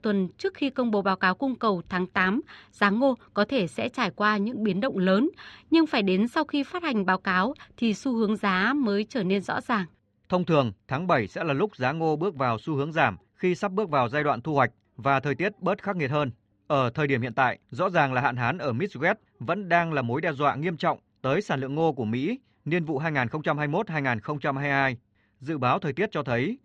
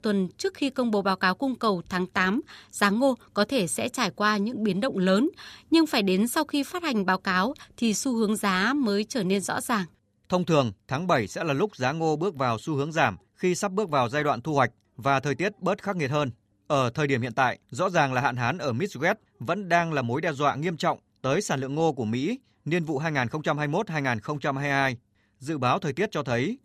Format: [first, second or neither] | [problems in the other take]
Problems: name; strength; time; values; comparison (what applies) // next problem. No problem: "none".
second | muffled; slightly; fading above 3 kHz